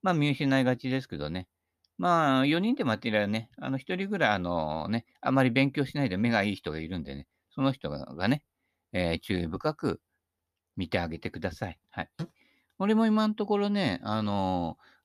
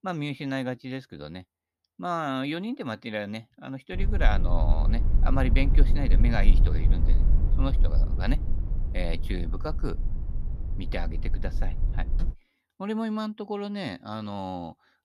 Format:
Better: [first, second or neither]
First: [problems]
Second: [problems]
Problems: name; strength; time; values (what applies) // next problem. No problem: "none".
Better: first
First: none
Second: low rumble; noticeable; from 4 to 12 s; 10 dB below the speech